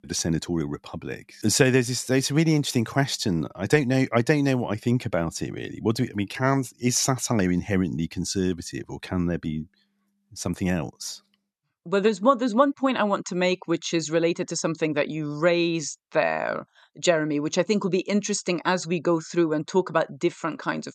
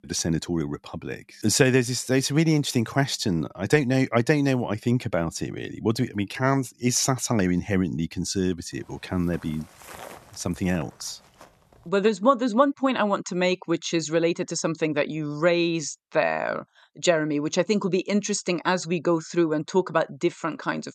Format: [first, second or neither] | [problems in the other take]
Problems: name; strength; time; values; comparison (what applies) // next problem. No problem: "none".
first | footsteps; faint; from 9 to 12 s; peak 15 dB below the speech